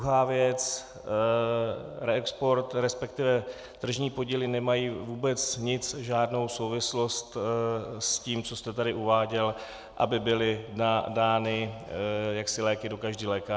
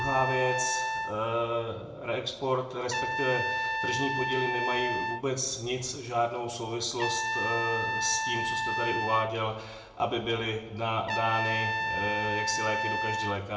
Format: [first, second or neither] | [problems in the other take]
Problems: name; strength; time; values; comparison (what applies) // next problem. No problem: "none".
first | background sound (Trumpet); 1 dB below the speech // room echo; dies away in 0.6 s